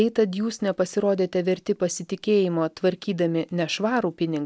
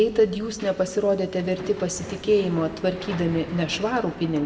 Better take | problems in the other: first | background sound (Hammer); 15 dB below the speech // room echo; dies away in 1.4 s

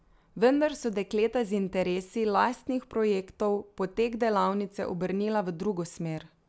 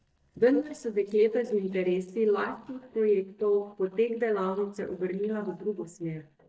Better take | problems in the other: first | noise reduction (neural mask model DeepFilterNet 3)

